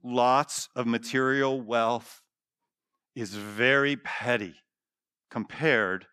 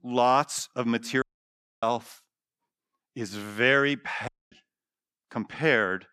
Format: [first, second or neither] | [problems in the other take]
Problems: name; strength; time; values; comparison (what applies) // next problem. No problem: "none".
first | audio cutting out; at 1 s for 0.5 s and at 4.5 s